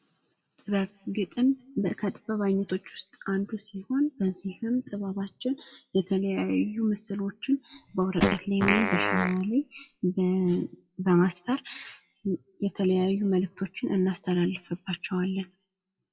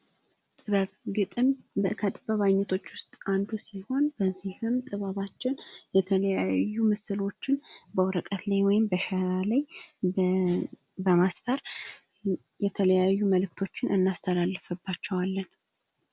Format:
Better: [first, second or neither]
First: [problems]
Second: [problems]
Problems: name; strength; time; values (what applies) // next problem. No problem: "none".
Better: second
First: noise reduction (classical method WPE with log-MMSE)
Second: none